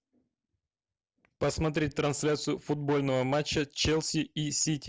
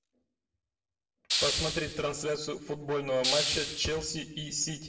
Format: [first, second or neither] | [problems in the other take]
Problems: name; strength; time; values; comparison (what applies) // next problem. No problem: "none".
first | background sound (Hiss); as loud as the speech // room echo; dies away in 0.6 s